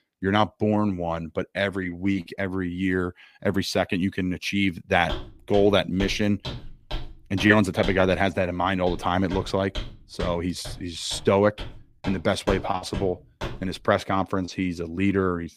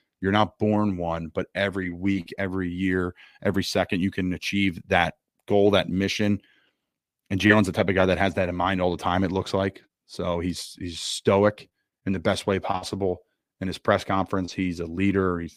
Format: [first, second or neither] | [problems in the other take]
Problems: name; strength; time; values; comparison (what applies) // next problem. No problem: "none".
second | footsteps; noticeable; from 5 to 14 s; peak 8 dB below the speech